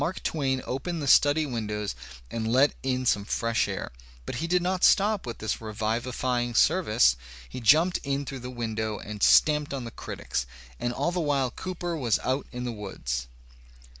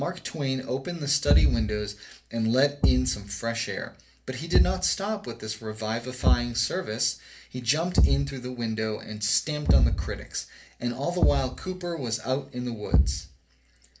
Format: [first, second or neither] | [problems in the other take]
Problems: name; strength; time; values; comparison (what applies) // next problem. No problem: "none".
first | background sound (Thump, thud); 1 dB above the speech // room echo; dies away in 0.3 s